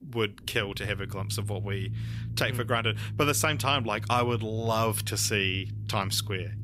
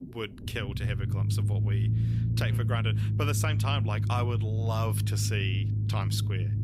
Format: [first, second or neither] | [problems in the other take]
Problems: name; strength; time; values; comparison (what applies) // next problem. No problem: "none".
first | low rumble; loud; throughout; 7 dB below the speech; faint in the first